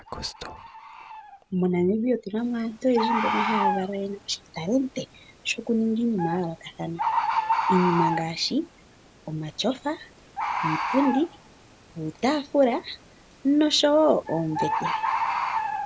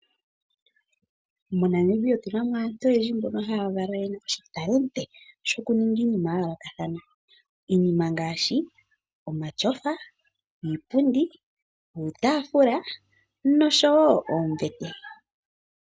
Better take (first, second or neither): second